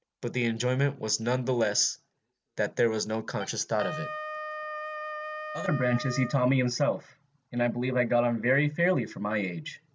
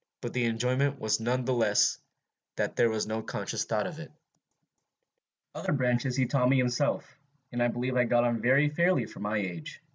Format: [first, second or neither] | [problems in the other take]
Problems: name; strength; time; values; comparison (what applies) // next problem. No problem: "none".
second | background sound (Wind instrument, woodwind instrument); 13 dB below the speech